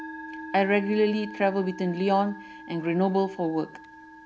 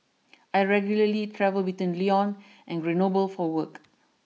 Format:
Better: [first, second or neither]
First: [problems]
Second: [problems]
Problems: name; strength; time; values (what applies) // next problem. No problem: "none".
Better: second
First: background sound (Musical instrument); 15 dB below the speech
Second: none